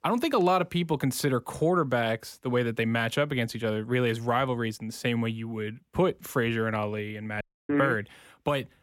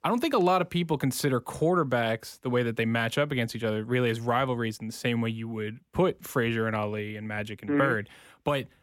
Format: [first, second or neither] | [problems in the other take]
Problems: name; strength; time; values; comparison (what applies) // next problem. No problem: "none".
second | audio cutting out; at 7.5 s